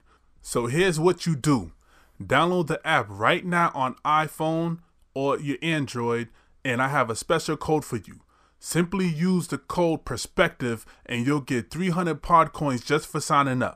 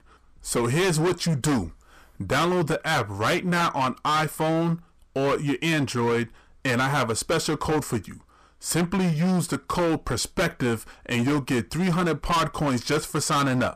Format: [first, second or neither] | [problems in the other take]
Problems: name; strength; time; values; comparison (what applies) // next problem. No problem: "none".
first | distortion; heavy; 20% of the sound clipped